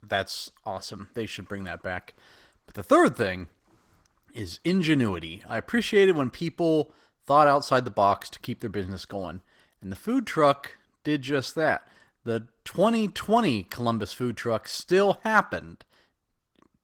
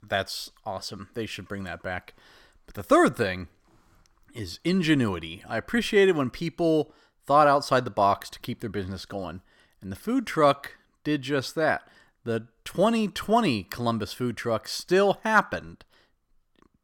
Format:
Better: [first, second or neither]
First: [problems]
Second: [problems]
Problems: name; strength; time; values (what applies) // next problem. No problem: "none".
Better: second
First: garbled, watery; slightly; nothing above 17.5 kHz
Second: none